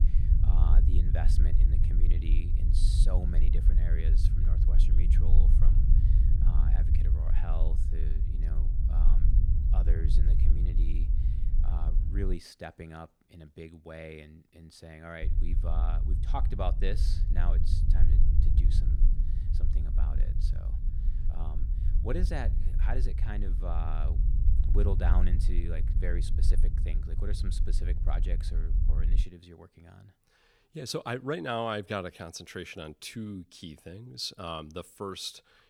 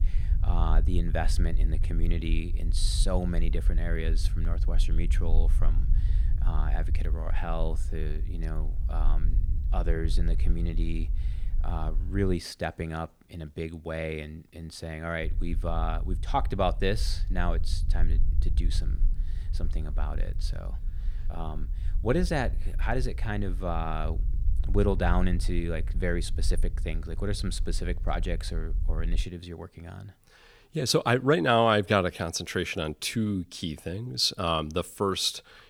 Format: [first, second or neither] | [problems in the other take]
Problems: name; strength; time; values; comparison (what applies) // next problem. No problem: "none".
second | low rumble; loud; until 12 s and from 15 to 29 s; 8 dB below the speech; faint in the second